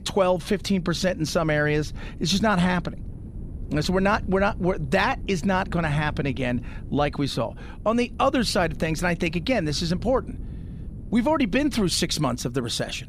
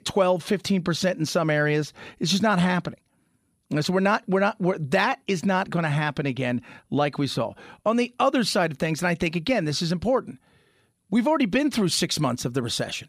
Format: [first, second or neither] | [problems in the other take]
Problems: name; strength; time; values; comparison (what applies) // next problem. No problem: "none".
second | wind noise on the microphone; occasional gusts; 25 dB below the speech